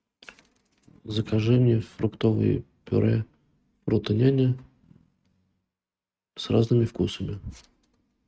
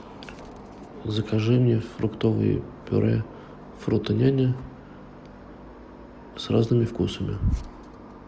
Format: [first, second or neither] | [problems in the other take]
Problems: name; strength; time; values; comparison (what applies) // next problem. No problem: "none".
second | noise reduction (neural mask model RNNoise)